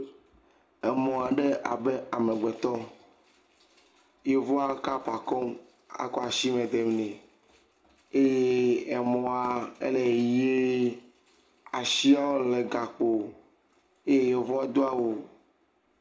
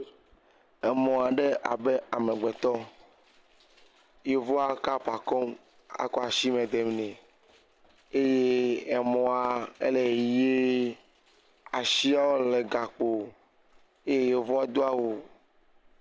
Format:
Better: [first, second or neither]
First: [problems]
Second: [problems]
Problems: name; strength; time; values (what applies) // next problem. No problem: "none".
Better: second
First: room echo; dies away in 0.3 s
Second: none